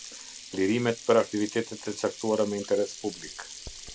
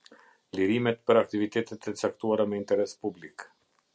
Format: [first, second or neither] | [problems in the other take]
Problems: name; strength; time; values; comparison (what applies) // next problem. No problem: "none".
second | background sound (Sink (filling or washing)); 14 dB below the speech